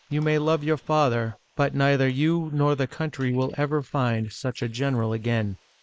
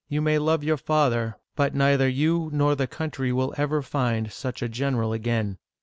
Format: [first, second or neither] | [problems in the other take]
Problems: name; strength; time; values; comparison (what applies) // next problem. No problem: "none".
second | noise reduction (neural mask model Resemble Enhance denoiser)